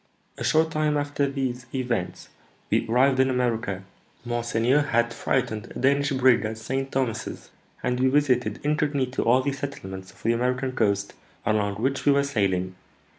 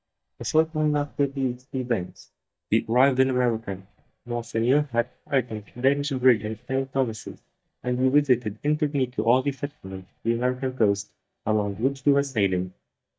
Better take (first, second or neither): first